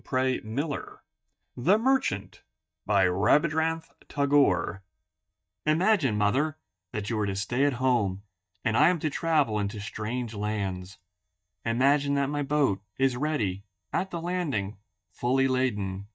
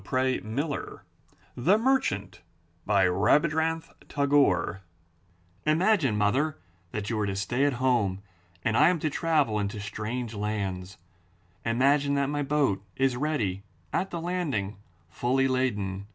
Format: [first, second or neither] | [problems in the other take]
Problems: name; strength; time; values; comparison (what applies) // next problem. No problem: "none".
second | noise reduction (neural mask model DeepFilterNet 3)